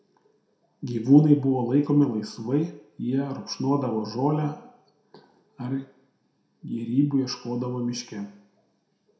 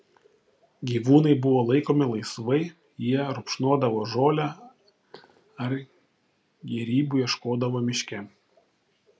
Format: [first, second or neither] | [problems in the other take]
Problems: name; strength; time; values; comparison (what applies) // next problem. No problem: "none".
second | room echo; dies away in 0.6 s